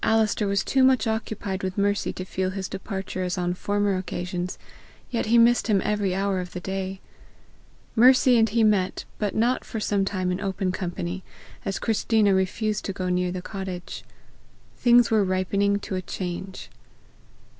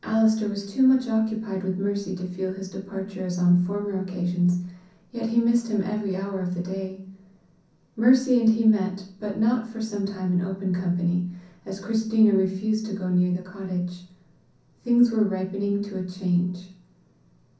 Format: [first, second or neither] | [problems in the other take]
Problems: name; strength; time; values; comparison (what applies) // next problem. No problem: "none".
first | room echo; dies away in 0.6 s